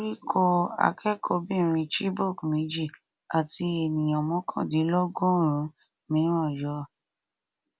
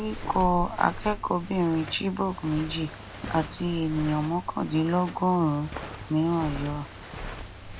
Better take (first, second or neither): first